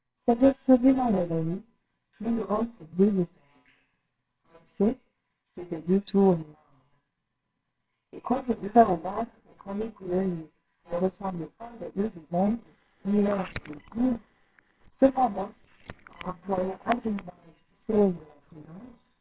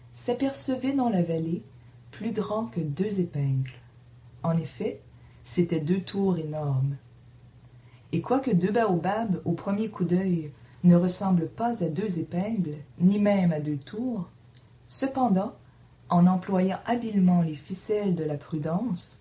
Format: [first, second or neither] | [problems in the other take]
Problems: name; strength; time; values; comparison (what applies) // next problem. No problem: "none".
second | noise reduction (neural separator model SepFormer WHAMR!)